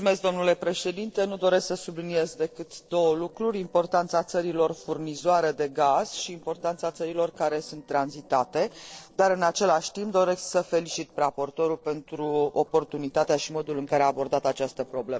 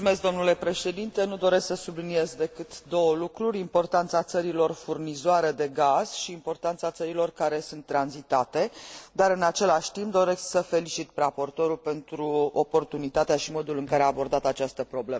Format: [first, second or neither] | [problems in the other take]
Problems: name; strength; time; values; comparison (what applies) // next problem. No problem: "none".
second | noise reduction (neural separator model SepFormer DNS4)